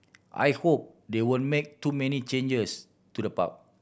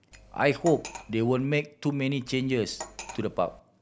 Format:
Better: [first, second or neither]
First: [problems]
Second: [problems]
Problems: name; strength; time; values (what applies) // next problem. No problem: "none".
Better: first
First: none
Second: background sound (Cutlery, silverware); 16 dB below the speech